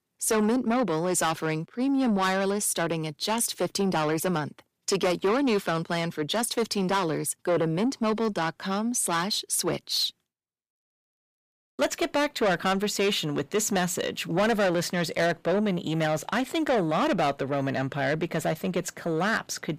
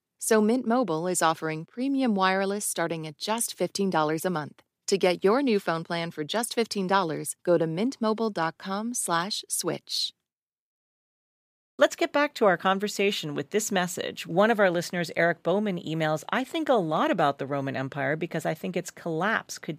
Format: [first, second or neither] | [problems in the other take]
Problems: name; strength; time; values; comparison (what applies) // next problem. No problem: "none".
second | distortion; heavy; 8 dB below the speech